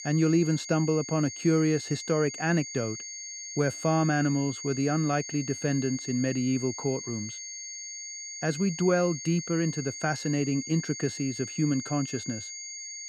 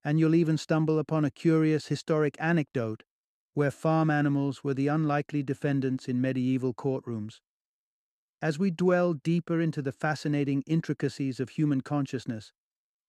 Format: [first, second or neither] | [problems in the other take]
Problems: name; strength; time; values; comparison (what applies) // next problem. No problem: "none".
second | high-pitched whine; loud; throughout; 6.5 kHz, 9 dB below the speech